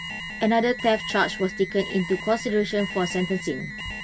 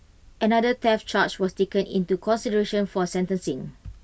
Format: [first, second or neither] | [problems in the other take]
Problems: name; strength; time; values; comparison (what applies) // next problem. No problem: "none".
second | background sound (Alarm); 10 dB below the speech